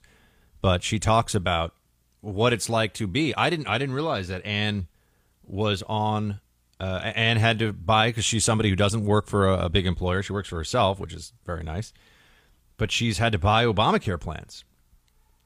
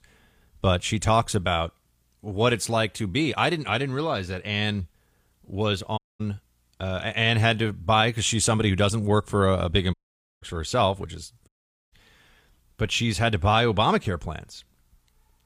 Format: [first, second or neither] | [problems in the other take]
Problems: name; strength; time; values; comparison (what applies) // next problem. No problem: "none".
first | audio cutting out; at 6 s, at 10 s and at 11 s